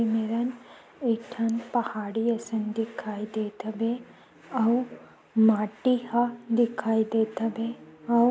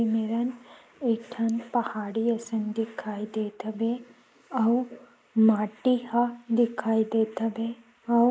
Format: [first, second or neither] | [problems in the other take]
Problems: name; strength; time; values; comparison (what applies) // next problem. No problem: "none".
first | noise reduction (neural mask model Resemble Enhance denoiser)